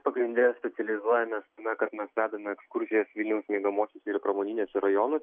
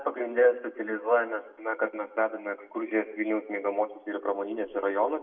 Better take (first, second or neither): first